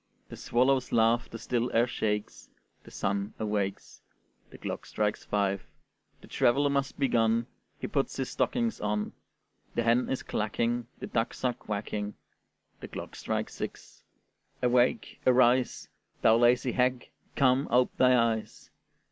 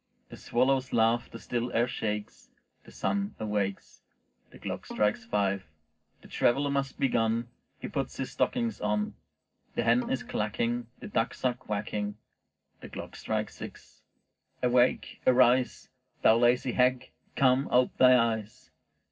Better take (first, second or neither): first